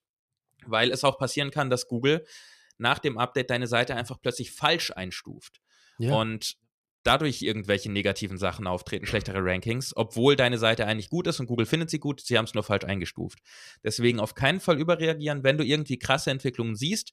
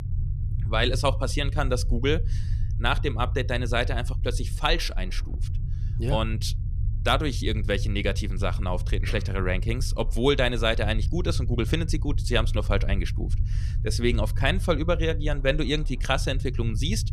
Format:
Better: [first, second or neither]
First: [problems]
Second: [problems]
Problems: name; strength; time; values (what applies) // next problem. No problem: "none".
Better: first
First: none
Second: low rumble; noticeable; throughout; 20 dB below the speech